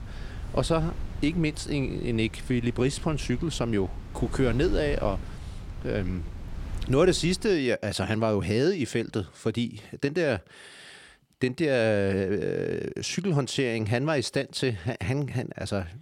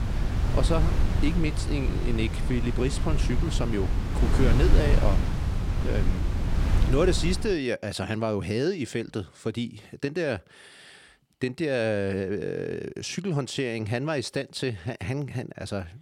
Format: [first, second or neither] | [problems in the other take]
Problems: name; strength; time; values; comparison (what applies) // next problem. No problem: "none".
first | wind noise on the microphone; heavy; until 7.5 s; 6 dB below the speech; occasional gusts in the first